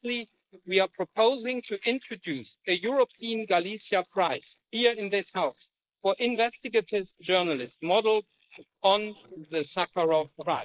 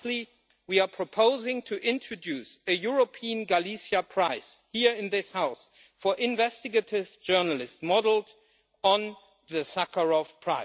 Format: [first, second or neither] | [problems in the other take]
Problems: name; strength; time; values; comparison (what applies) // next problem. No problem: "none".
second | noise reduction (neural mask model Resemble Enhance denoiser)